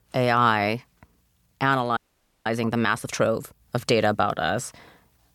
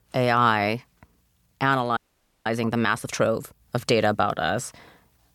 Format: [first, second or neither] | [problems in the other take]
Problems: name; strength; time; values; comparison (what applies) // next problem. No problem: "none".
neither | audio freezing; at 2 s; the same in both